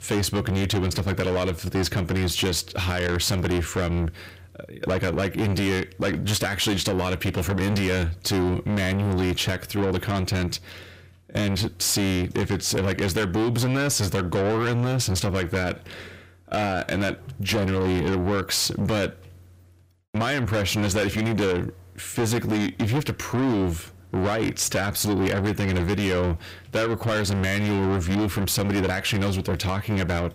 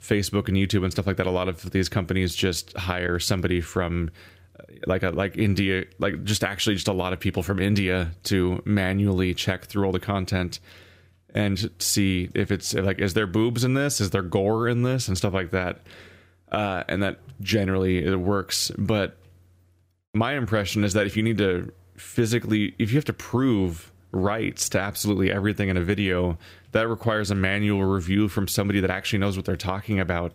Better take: second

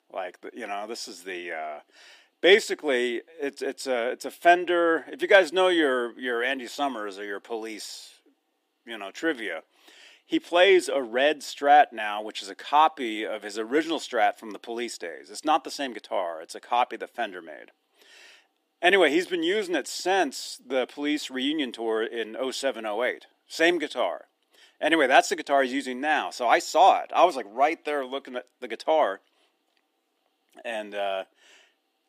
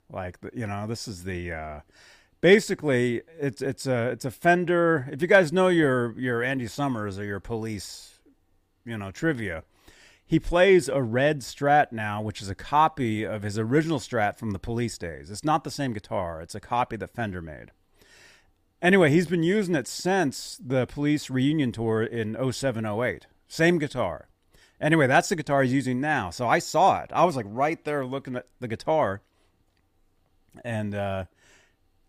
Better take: second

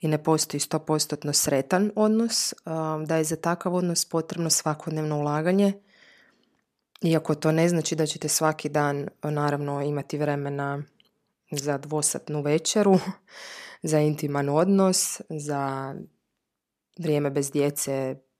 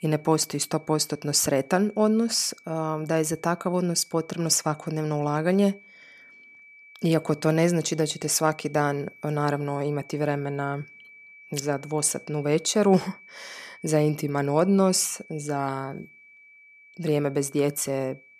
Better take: first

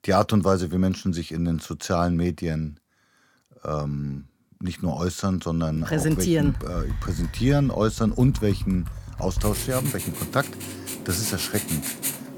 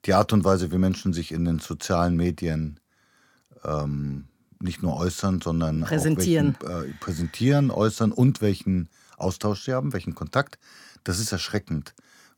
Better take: second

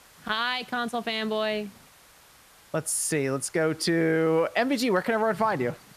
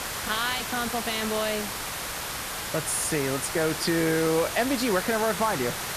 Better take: first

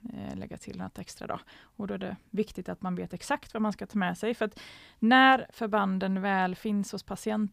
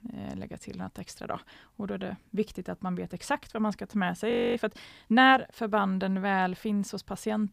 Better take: first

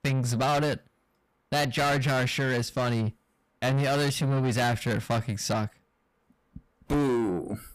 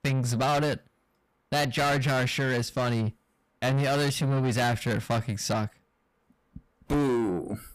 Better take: neither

